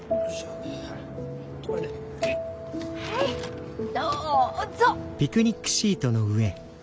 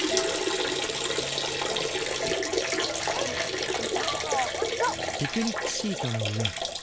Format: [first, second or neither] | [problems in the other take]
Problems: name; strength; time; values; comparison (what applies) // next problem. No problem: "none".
first | background sound (Liquid); 4 dB above the speech